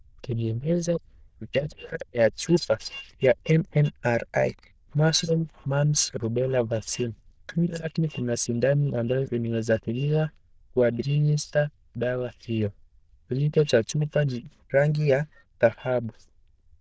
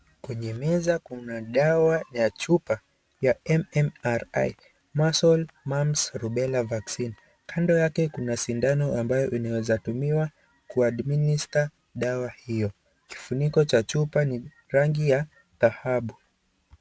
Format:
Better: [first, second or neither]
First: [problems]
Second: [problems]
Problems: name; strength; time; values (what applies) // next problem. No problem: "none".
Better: second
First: noise reduction (neural diffusion model UNIVERSE++)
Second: none